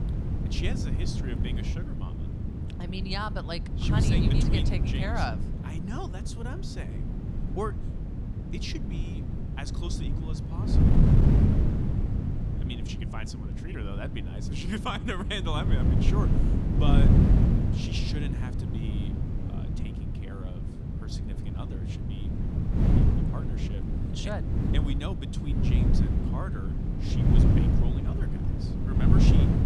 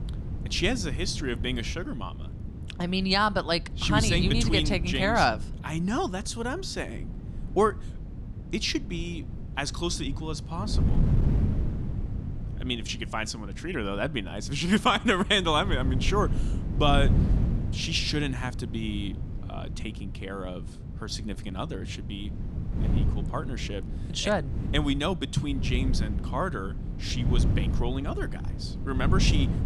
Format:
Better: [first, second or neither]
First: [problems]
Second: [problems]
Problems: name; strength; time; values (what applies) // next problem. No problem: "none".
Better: second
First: wind noise on the microphone; heavy; as loud as the speech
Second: wind noise on the microphone; occasional gusts; 15 dB below the speech